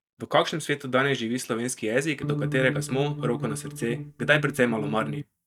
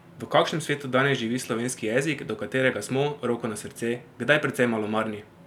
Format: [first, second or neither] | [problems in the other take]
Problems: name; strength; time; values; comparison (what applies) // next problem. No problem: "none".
second | noise reduction (neural mask model DeepFilterNet 3)